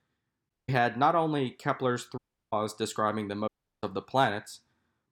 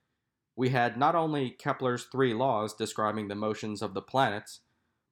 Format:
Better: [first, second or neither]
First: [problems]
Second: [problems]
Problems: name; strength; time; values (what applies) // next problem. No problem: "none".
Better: second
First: audio cutting out; at 0.5 s, at 2 s and at 3.5 s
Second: none